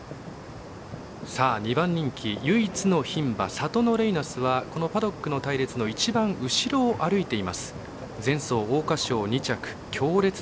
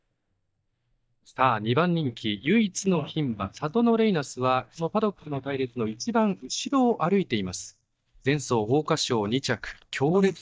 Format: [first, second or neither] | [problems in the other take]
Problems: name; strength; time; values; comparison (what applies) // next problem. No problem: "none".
first | noise reduction (neural mask model DeepFilterNet 3)